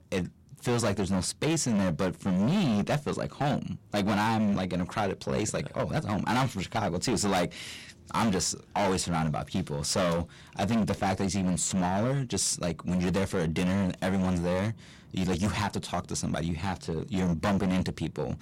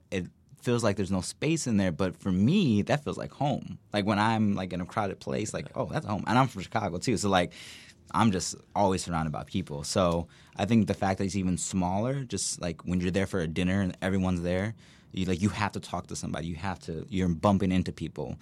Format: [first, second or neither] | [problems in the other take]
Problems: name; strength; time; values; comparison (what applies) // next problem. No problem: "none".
second | distortion; heavy; 17% of the sound clipped